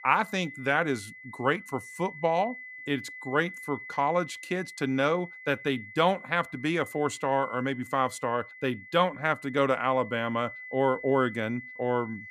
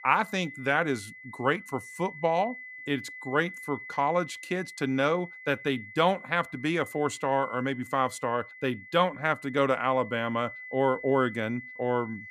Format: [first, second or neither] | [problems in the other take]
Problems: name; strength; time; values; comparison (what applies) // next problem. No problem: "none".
neither | high-pitched whine; noticeable; throughout; 2 kHz, 15 dB below the speech; the same in both